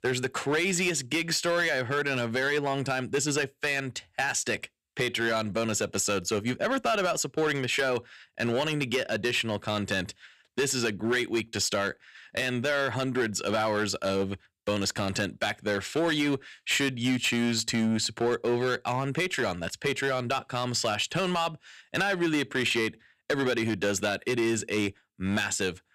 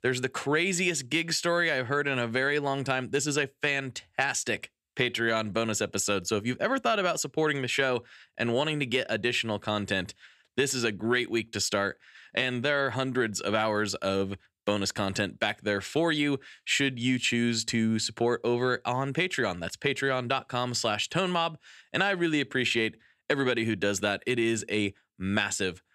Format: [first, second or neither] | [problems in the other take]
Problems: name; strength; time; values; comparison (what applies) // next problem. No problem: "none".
second | distortion; slight; 7% of the sound clipped